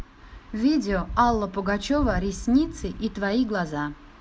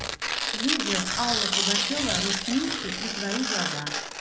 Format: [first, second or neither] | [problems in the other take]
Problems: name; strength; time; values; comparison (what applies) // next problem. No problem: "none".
first | background sound (Tearing); 3 dB above the speech // room echo; dies away in 0.9 s